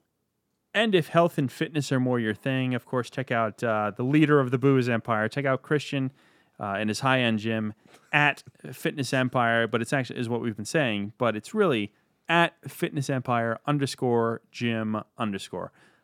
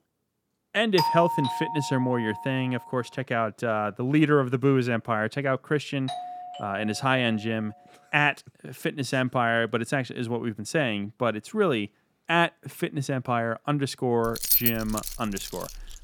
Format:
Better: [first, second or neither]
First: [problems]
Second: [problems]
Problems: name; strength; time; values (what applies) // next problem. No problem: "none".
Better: first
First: none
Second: doorbell; loud; from 1 to 2.5 s; peak 1 dB above the speech // doorbell; noticeable; from 6 to 7.5 s; peak 9 dB below the speech // jangling keys; loud; from 14 s on; peak 6 dB above the speech